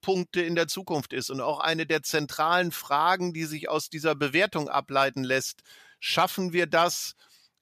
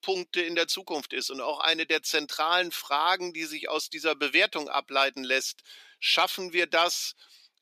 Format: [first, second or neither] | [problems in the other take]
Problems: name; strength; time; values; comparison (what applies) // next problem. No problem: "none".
first | thin; somewhat; fading below 300 Hz